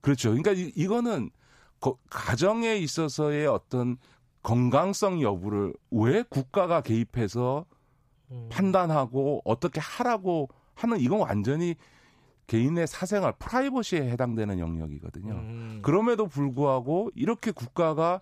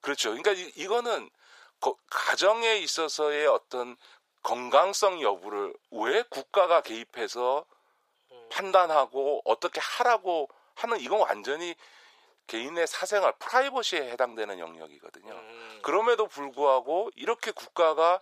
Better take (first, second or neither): first